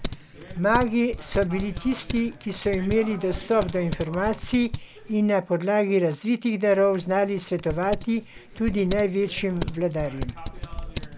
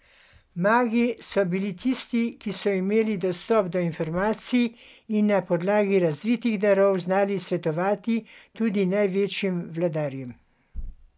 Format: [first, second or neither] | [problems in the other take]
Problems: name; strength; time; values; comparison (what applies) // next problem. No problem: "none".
second | background sound (Typing); 10 dB below the speech